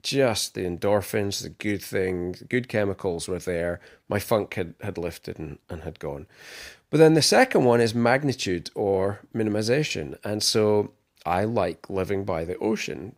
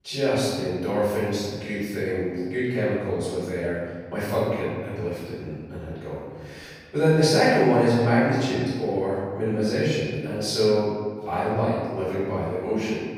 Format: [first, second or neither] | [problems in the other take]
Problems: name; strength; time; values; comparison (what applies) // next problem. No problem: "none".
first | off-mic speech; far // room echo; strong; dies away in 1.6 s